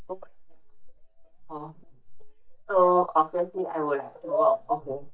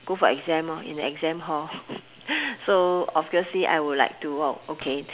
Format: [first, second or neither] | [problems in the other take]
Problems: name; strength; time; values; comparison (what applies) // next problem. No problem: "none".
second | noise reduction (neural mask model DeepFilterNet 3)